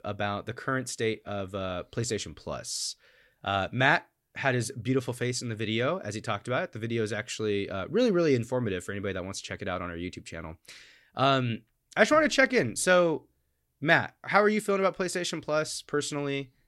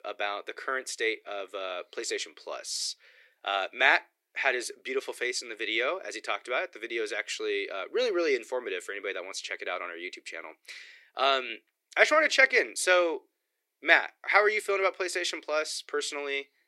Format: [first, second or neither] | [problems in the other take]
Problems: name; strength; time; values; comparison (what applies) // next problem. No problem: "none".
first | thin; very; fading below 350 Hz